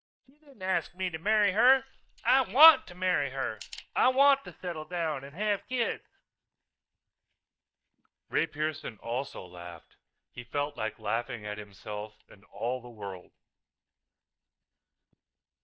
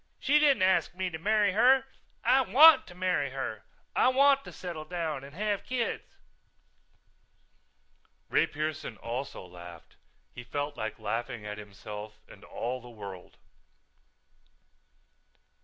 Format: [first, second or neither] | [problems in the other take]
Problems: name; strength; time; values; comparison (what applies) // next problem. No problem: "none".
second | noise reduction (neural mask model DeepFilterNet 3)